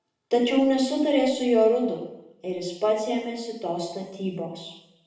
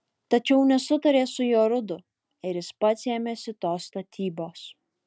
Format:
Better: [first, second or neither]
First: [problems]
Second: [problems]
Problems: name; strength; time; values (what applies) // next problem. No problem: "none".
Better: second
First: room echo; dies away in 0.8 s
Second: none